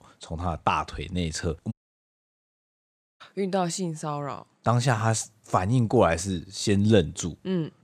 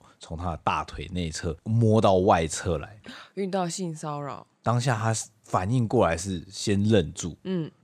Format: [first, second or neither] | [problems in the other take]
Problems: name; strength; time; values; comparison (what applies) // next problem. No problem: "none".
second | audio cutting out; at 1.5 s for 1.5 s